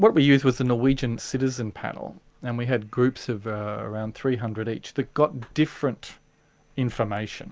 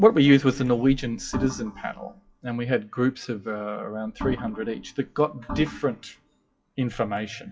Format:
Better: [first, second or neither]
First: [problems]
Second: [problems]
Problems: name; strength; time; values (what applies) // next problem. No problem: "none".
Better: first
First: none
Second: noise reduction (classical method WPE with log-MMSE)